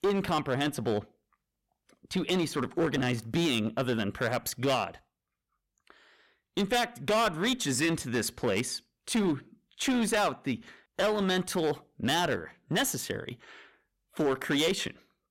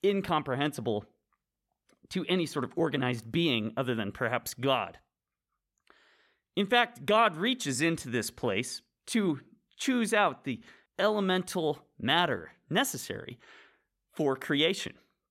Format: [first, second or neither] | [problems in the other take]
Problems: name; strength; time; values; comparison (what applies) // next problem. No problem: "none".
second | distortion; heavy; 9% of the sound clipped